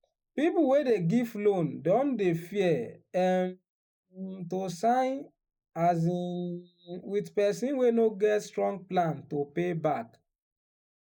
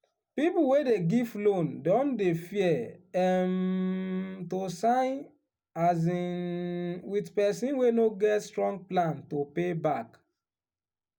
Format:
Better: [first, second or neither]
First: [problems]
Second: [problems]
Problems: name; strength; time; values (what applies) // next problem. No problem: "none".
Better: second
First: noise reduction (neural mask model Resemble Enhance denoiser)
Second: none